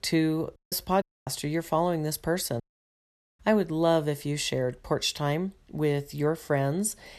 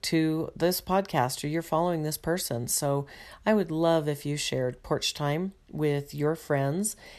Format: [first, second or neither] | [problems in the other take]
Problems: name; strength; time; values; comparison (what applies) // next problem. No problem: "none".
second | audio cutting out; at 0.5 s, at 1 s and at 2.5 s for 1 s